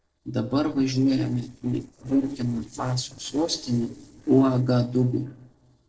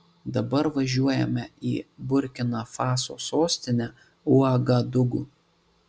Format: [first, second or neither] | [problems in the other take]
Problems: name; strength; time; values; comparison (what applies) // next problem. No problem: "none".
second | noise reduction (neural separator model SepFormer DNS4)